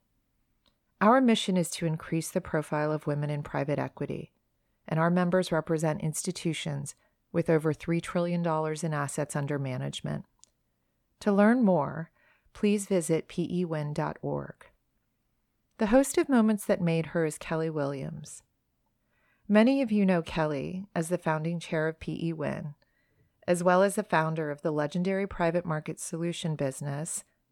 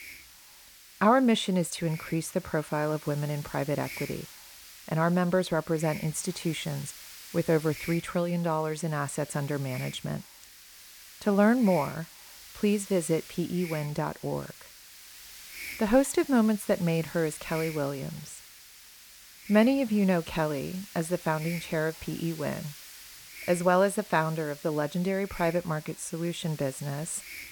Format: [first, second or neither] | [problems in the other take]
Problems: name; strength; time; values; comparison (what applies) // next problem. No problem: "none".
first | hiss; noticeable; throughout; 15 dB below the speech